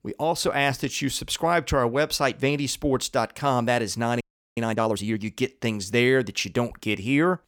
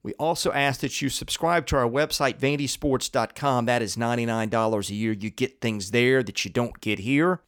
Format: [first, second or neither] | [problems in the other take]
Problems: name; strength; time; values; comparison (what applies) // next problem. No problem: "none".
second | audio freezing; at 4 s